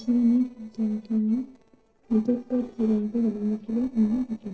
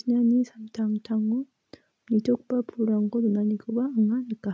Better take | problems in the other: second | noise reduction (neural separator model SepFormer DNS4)

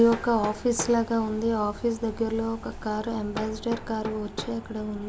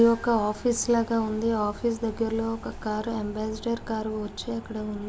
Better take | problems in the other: second | background sound (Hammer); 14 dB below the speech

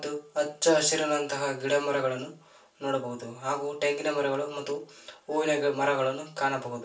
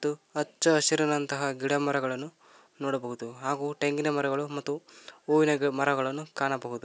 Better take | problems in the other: second | room echo; dies away in 0.3 s

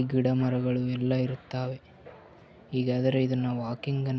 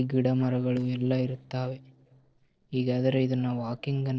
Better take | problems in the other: first | noise reduction (neural separator model SepFormer DNS4)

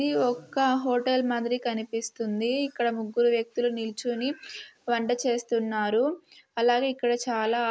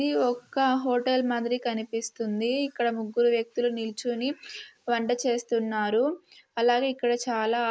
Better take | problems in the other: first | noise reduction (neural mask model Resemble Enhance denoiser)

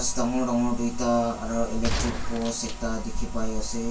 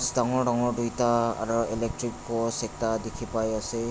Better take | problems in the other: second | background sound (Gunshot, gunfire); 8 dB below the speech // room echo; dies away in 0.1 s

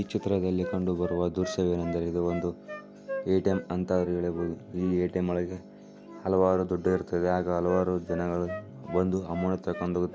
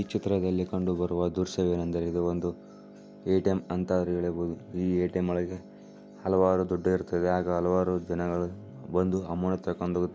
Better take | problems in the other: second | background sound (Wind instrument, woodwind instrument); 13 dB below the speech

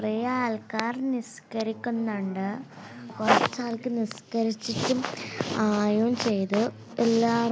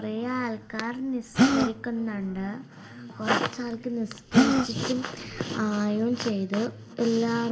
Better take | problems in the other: first | background sound (Gasp); 1 dB above the speech // room echo; dies away in 0.4 s

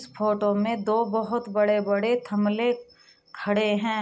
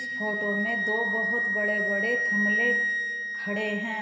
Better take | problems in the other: first | background sound (Wind instrument, woodwind instrument); 4 dB above the speech // room echo; dies away in 2.7 s

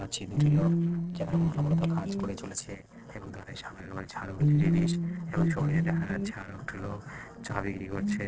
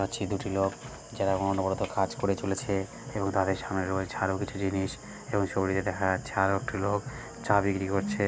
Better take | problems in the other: second | noise reduction (neural separator model SepFormer DNS4)

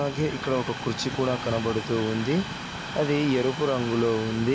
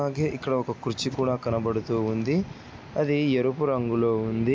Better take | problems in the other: second | background sound (Train); 9 dB below the speech

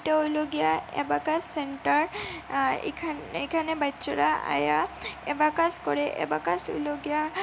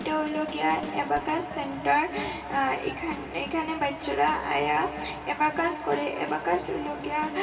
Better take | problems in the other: first | background sound (Drum kit); 15 dB below the speech // room echo; dies away in 2.8 s

